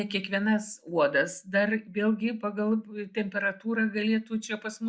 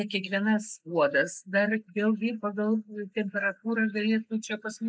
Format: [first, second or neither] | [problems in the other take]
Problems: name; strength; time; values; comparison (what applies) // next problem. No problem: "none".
first | noise reduction (neural mask model Resemble Enhance denoiser)